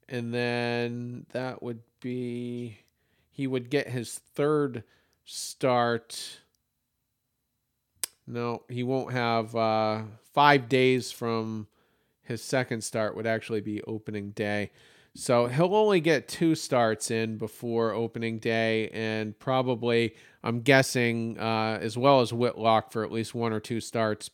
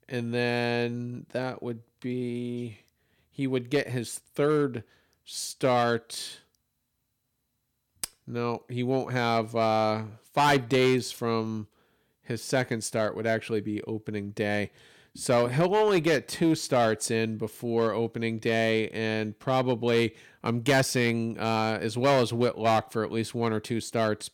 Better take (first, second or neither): first